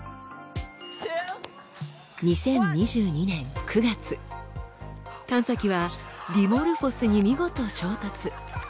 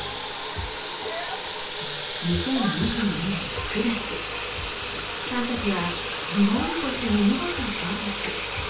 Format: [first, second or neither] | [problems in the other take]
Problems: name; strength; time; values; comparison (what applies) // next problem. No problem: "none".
first | background sound (Sink (filling or washing) / Water tap, faucet); 3 dB below the speech // room echo; dies away in 0.3 s